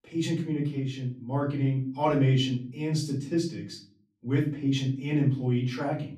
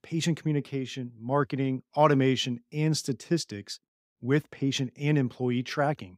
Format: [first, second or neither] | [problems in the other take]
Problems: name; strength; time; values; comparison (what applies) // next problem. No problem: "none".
second | room echo; slight; dies away in 0.5 s // off-mic speech; far